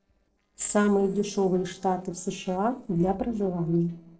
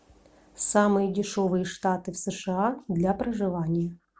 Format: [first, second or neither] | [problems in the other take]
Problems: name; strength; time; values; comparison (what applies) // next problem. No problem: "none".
second | noise reduction (neural separator model SepFormer DNS4)